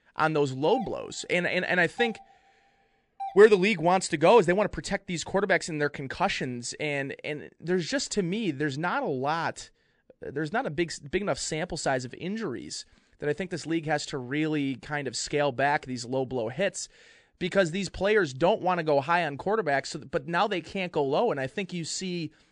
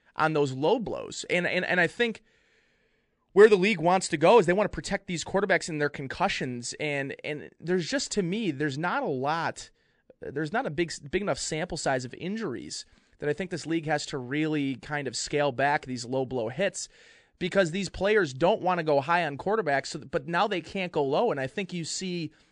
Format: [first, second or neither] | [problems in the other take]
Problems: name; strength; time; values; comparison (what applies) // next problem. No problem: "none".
second | doorbell; faint; from 0.5 to 3.5 s; peak 10 dB below the speech